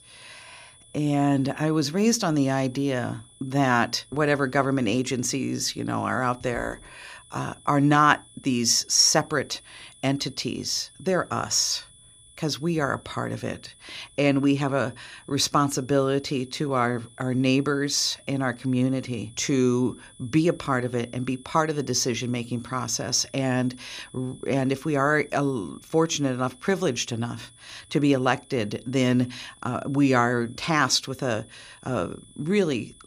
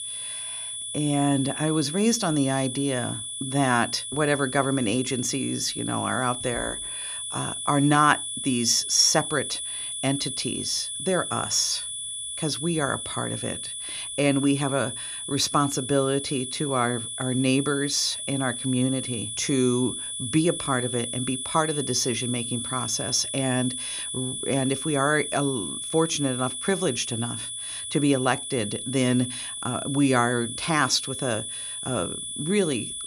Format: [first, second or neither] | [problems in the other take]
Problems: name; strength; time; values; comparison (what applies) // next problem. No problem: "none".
first | high-pitched whine; loud; throughout; 10 kHz, 5 dB below the speech; faint in the first